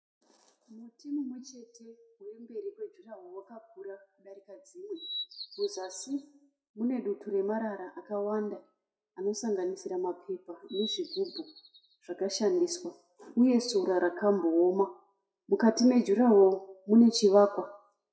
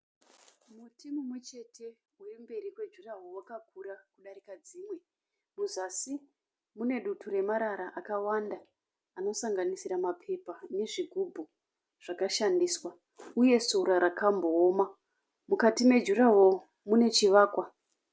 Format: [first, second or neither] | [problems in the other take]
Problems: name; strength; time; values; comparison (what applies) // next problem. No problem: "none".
second | noise reduction (classical method WPE with log-MMSE)